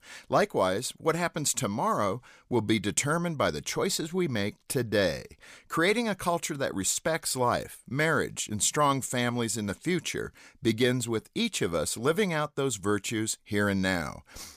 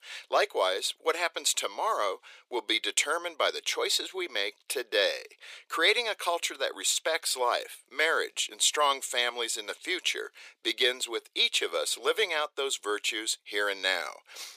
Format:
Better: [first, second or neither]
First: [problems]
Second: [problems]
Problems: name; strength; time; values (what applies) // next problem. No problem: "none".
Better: first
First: none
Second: thin; very; fading below 400 Hz